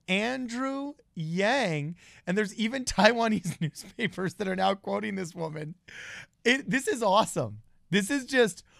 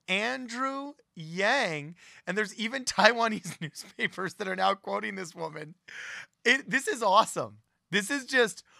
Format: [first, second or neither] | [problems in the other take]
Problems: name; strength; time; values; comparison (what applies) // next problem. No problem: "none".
first | thin; very slightly; fading below 300 Hz